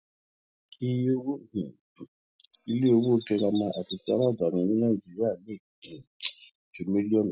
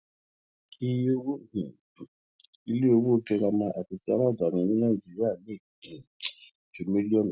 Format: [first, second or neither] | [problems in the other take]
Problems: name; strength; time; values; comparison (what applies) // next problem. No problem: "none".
second | background sound (Chirp, tweet); 18 dB below the speech